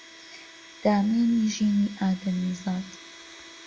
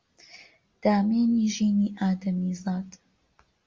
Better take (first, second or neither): second